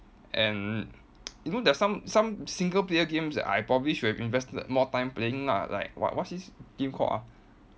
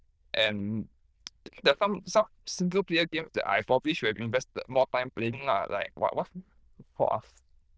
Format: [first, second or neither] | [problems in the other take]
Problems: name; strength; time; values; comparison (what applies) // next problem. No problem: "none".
first | noise reduction (neural diffusion model UNIVERSE++)